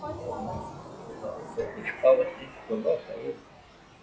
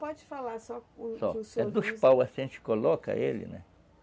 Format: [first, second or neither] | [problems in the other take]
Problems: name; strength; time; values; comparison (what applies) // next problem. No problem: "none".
second | noise reduction (classical method log-MMSE)